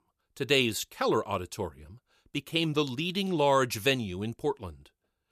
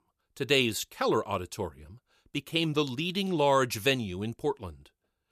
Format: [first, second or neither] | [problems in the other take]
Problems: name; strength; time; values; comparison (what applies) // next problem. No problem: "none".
neither | none